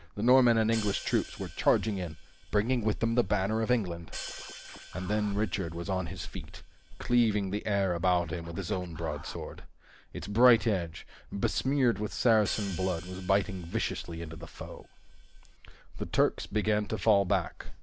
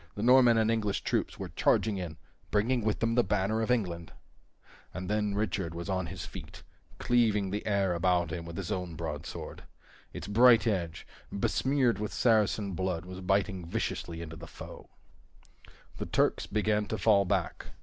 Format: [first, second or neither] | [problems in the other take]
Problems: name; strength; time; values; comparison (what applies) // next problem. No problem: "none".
second | background sound (Hi-hat + Scratching (performance technique)); 18 dB below the speech